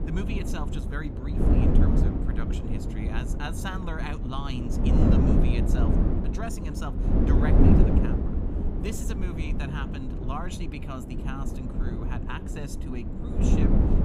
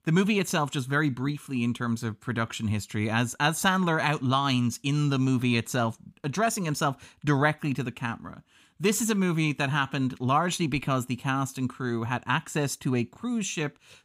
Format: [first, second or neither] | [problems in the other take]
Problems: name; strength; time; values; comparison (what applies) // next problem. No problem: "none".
second | wind noise on the microphone; heavy; 4 dB above the speech